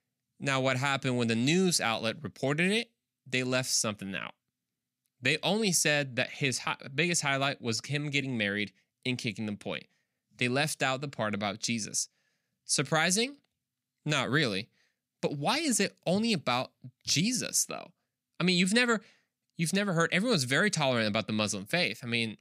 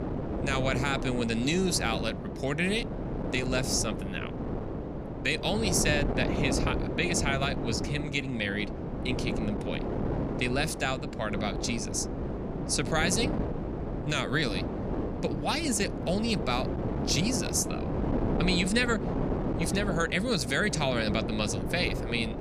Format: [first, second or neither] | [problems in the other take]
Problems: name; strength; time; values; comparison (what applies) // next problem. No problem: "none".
first | wind noise on the microphone; heavy; 6 dB below the speech